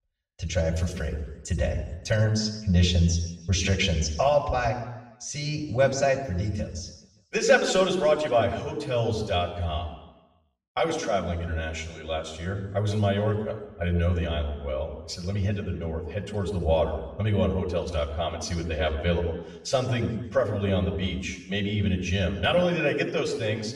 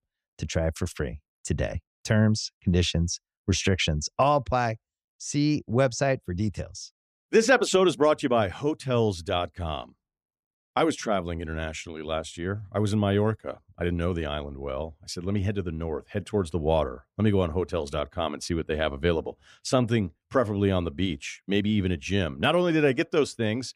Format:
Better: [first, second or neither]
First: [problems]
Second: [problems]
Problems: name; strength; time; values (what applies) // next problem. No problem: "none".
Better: second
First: room echo; slight; dies away in 1 s // off-mic speech; far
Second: none